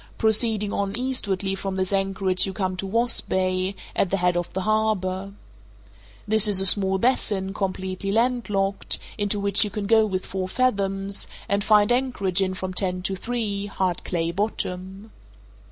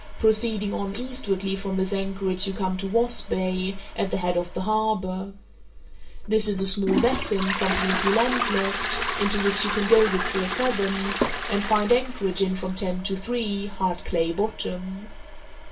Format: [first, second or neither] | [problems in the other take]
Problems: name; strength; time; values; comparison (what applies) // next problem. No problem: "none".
first | background sound (Toilet flush); 6 dB below the speech // room echo; dies away in 0.2 s